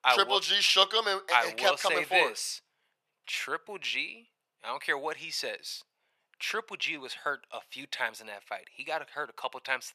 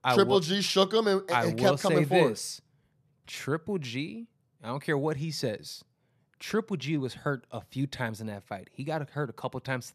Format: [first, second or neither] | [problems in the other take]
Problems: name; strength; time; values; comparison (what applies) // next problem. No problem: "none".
second | thin; very; fading below 800 Hz